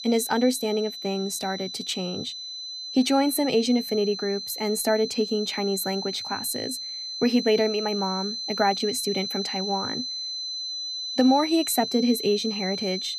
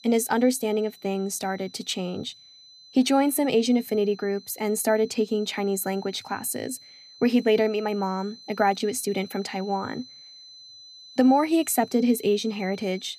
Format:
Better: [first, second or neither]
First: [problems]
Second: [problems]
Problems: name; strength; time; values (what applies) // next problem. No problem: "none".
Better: second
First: high-pitched whine; loud; throughout; 4 kHz, 5 dB below the speech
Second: high-pitched whine; faint; throughout; 4 kHz, 20 dB below the speech